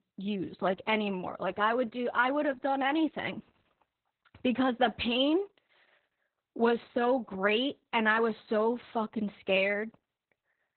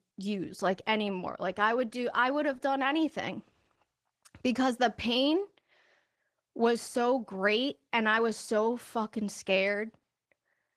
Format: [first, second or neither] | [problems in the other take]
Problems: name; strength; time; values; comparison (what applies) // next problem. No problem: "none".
second | garbled, watery; badly; slightly in the second